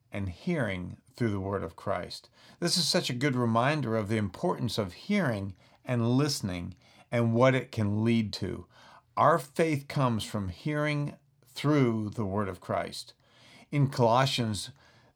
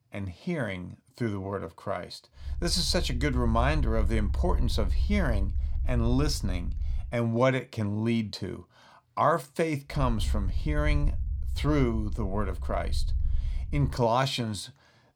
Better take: first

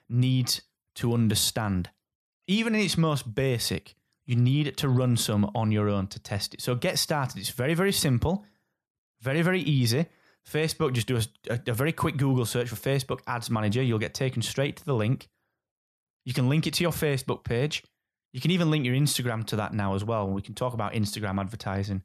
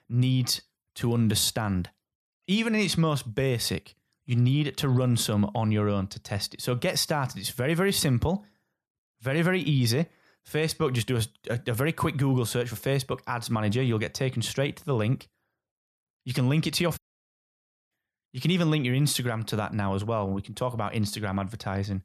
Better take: first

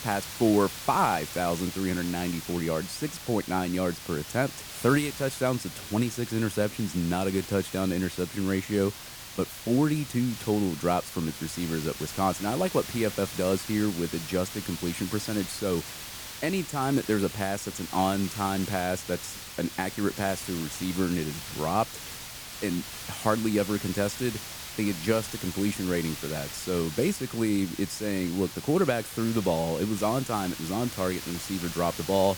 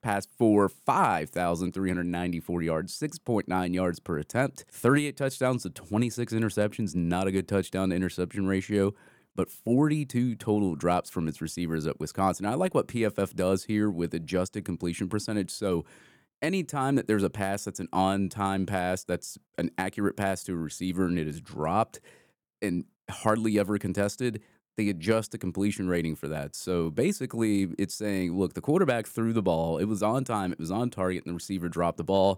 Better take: second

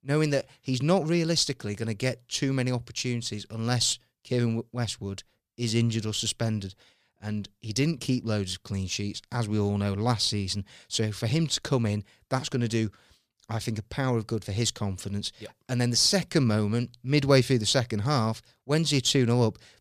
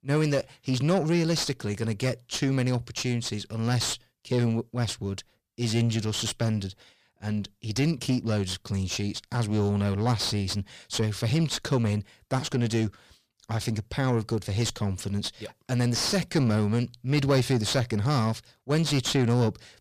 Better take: first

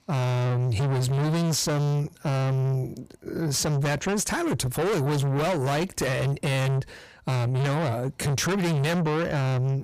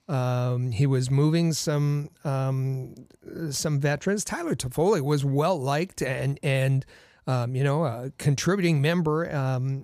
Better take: second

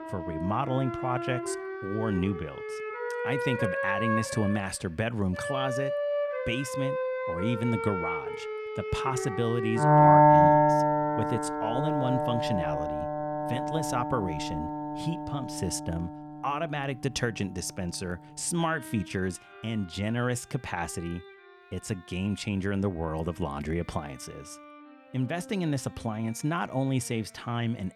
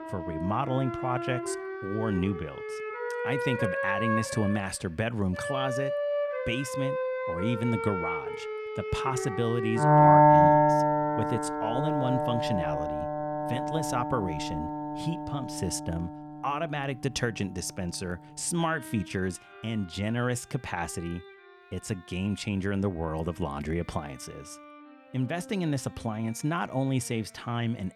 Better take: neither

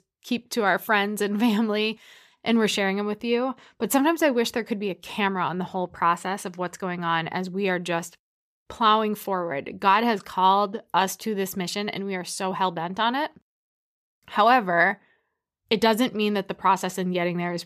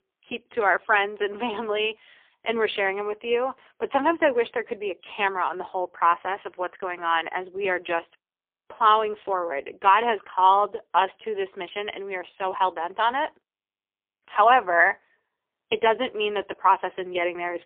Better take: first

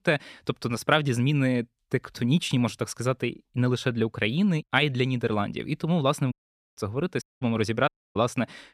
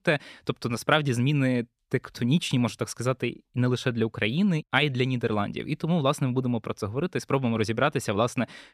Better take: second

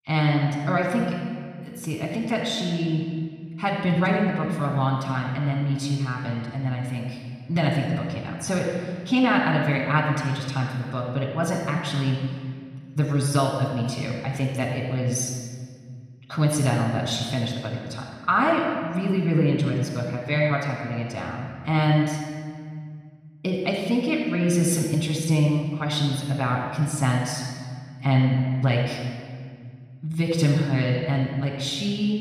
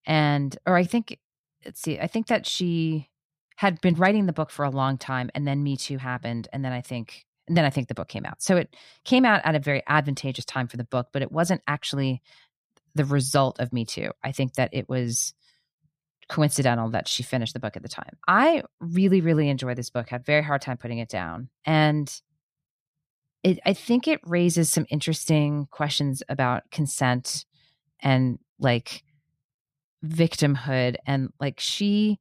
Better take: second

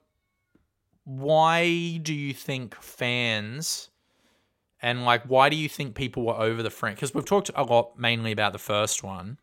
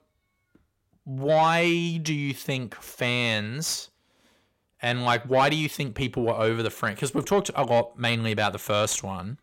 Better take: first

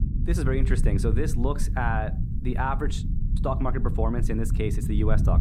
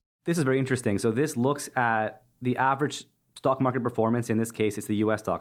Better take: second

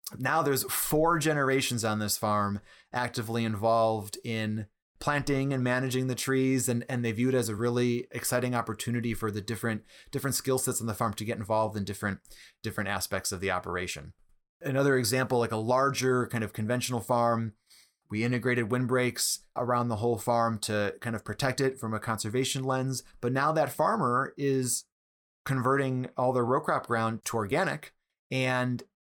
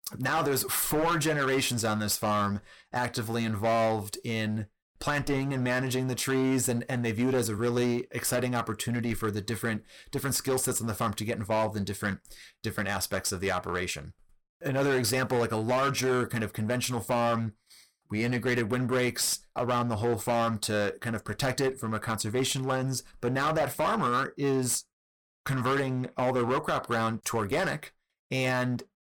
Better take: first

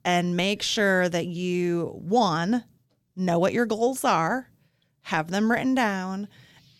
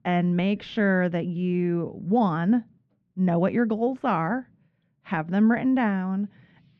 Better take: first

